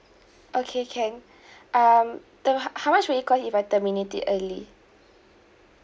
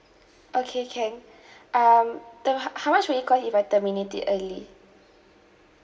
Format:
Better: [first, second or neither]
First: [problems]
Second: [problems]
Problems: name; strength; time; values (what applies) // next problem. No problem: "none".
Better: first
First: none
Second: room echo; dies away in 1.2 s